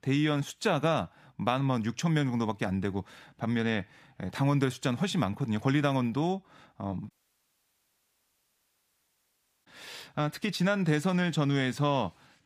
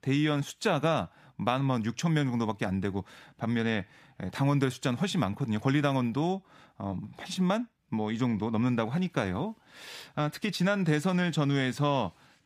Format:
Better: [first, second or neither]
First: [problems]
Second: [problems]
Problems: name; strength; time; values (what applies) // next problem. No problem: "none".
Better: second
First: audio cutting out; at 7 s for 2.5 s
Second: none